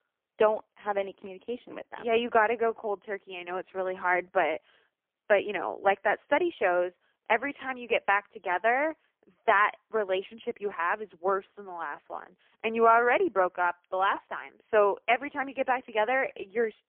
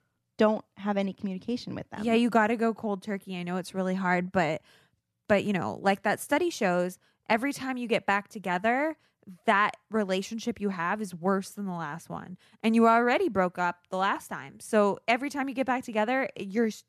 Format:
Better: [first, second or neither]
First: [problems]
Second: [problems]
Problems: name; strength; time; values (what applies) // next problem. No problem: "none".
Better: second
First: phone-call audio; poor line; nothing above 3 kHz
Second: none